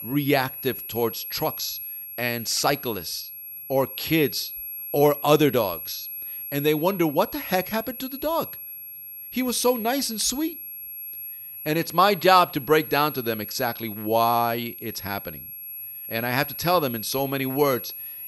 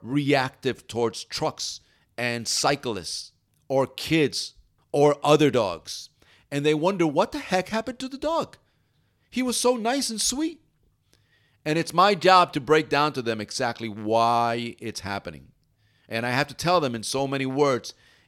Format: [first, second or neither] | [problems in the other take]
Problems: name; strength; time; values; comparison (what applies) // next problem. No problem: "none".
second | high-pitched whine; loud; throughout; 11.5 kHz, 9 dB below the speech